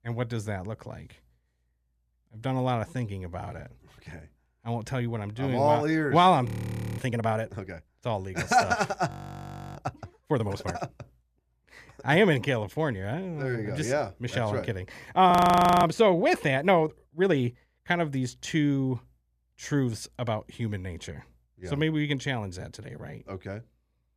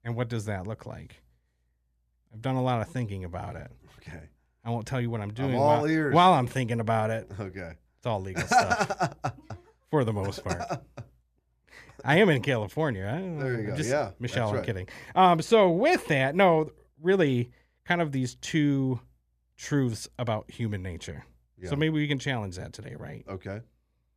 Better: second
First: audio freezing; at 6.5 s for 0.5 s, at 9 s for 0.5 s and at 15 s for 0.5 s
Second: none

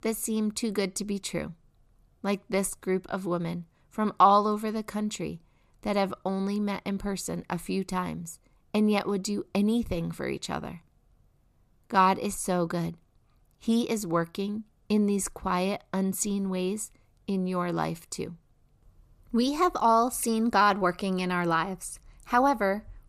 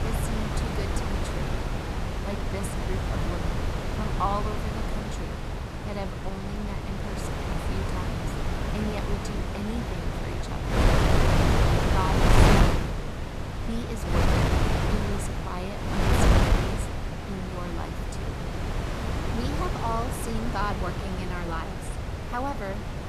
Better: first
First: none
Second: wind noise on the microphone; heavy; 4 dB above the speech

